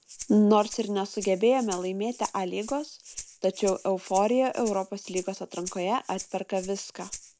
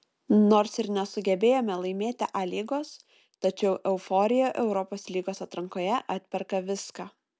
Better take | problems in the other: second | background sound (Rattle (instrument)); 17 dB below the speech

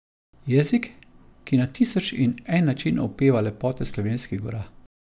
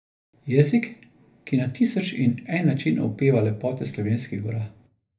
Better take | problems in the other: first | room echo; dies away in 0.3 s

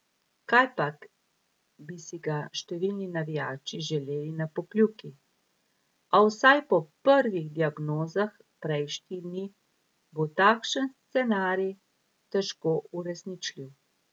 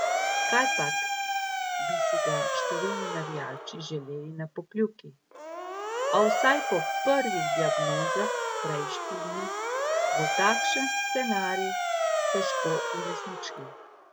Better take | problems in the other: first | background sound (Motor vehicle (road) / Siren); 3 dB above the speech

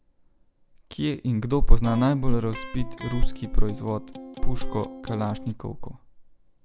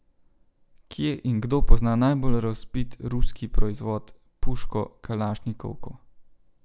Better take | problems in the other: second | background sound (Electric guitar); 17 dB below the speech

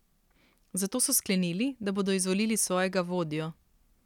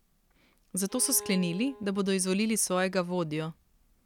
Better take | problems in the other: first | background sound (Bowed string instrument); 17 dB below the speech

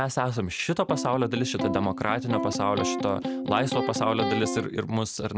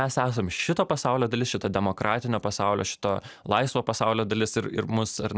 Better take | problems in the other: second | background sound (Electric guitar); 3 dB below the speech

